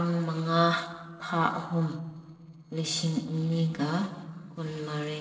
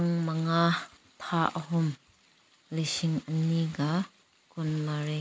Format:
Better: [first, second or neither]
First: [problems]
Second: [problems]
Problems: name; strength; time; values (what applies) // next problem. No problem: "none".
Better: second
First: noise reduction (neural separator model SepFormer DNS4)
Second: none